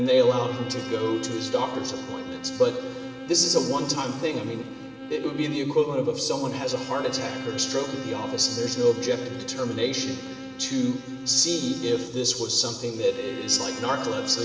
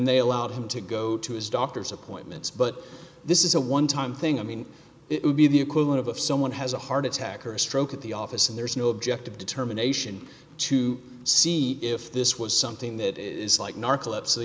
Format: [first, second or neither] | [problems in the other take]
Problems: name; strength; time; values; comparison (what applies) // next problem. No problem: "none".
second | background sound (Bowed string instrument); 10 dB below the speech // room echo; dies away in 2 s